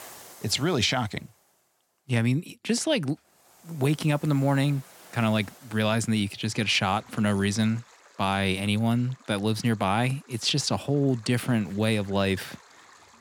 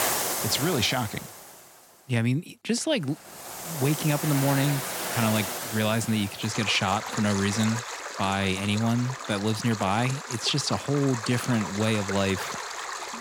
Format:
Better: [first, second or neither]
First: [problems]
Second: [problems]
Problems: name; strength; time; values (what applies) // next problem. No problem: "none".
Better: first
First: rain or running water; faint; throughout; 25 dB below the speech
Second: rain or running water; loud; throughout; 6 dB below the speech